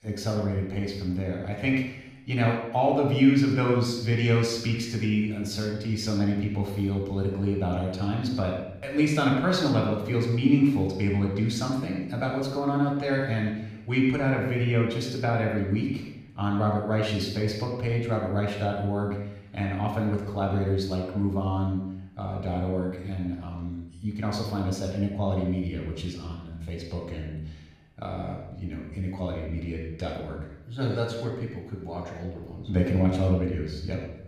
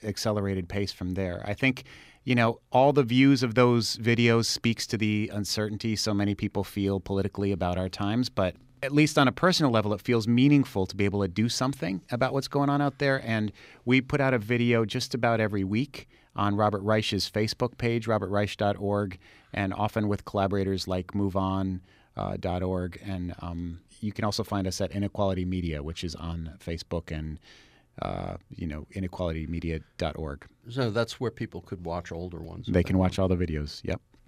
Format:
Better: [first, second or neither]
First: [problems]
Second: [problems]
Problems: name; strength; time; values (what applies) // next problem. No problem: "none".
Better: second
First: off-mic speech; far // room echo; noticeable; dies away in 0.8 s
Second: none